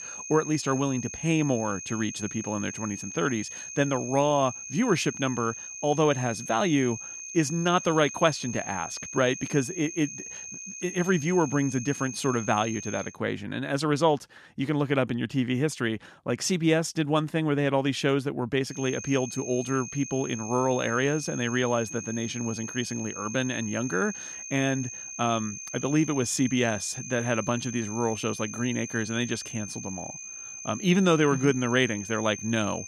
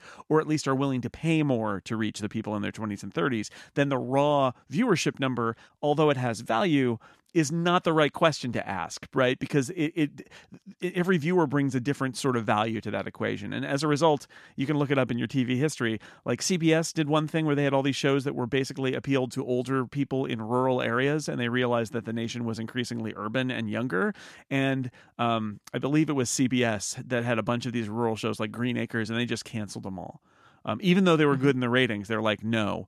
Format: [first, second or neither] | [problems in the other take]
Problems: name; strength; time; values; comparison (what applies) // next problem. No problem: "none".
second | high-pitched whine; loud; until 13 s and from 19 s on; 6.5 kHz, 9 dB below the speech